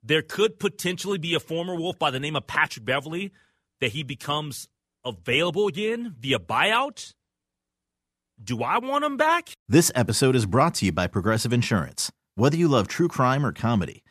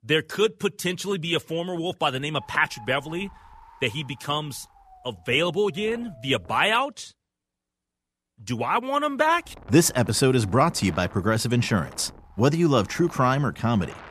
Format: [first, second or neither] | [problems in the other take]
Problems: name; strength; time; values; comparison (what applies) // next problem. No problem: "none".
first | wind noise on the microphone; occasional gusts; from 2.5 to 6.5 s and from 9 s on; 20 dB below the speech